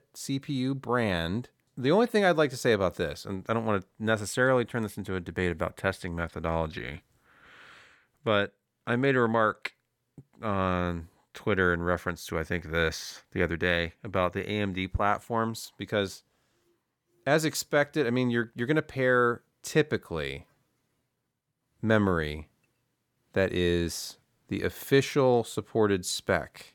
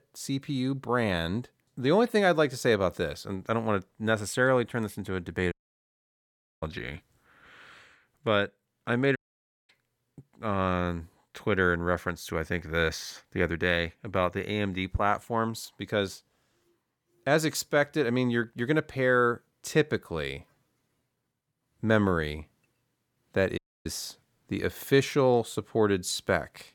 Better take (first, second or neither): first